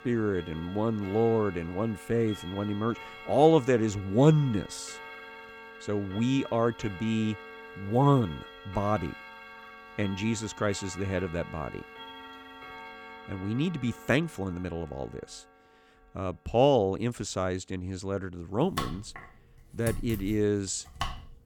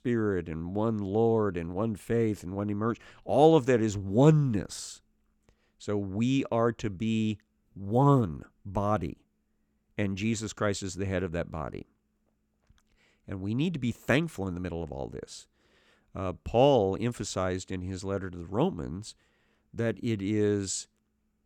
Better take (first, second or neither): second